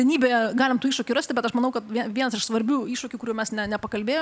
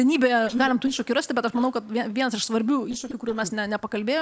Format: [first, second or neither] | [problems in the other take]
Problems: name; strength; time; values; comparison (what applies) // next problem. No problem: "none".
first | noise reduction (neural separator model SepFormer DNS4)